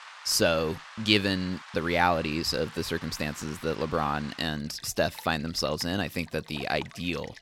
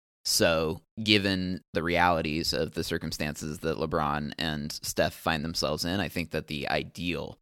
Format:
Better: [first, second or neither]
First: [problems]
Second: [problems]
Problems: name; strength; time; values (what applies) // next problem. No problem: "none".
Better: second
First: rain or running water; noticeable; throughout; 15 dB below the speech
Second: none